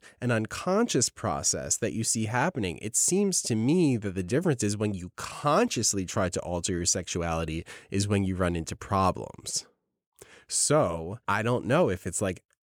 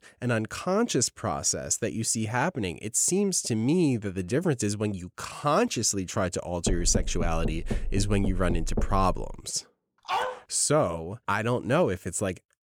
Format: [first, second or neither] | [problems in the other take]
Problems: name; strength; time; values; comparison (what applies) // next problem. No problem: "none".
first | door banging; noticeable; from 6.5 to 9.5 s; peak 3 dB below the speech // dog barking; noticeable; at 10 s; peak 2 dB below the speech